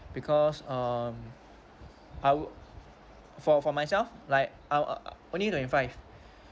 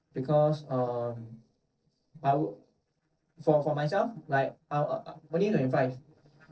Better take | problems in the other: first | noise reduction (neural separator model SepFormer DNS4)

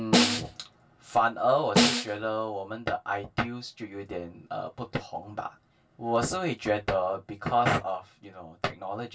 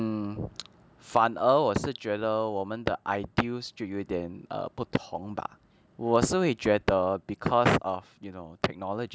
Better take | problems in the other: second | background sound (Snare drum); 3 dB above the speech // room echo; dies away in 0.2 s

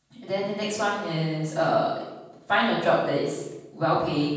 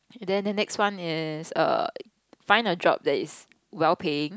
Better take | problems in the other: second | room echo; dies away in 1.2 s

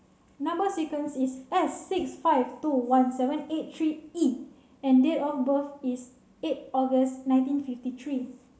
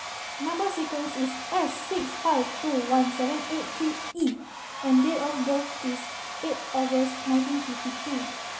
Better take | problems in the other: first | background sound (Domestic sounds, home sounds); 8 dB below the speech

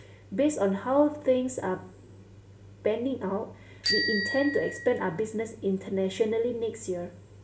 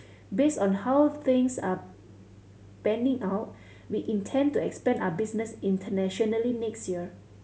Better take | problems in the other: second | background sound (Bicycle bell); 5 dB below the speech // room echo; dies away in 0.4 s

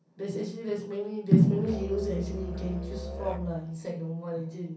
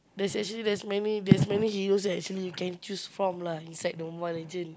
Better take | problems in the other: second | background sound (Musical instrument); 9 dB below the speech // room echo; dies away in 0.6 s

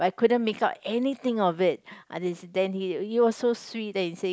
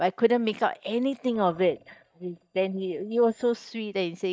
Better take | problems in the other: first | noise reduction (neural mask model DeepFilterNet 3)

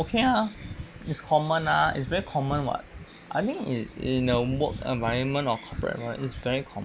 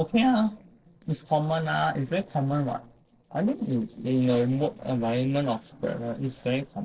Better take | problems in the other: first | noise reduction (neural separator model SepFormer DNS4)

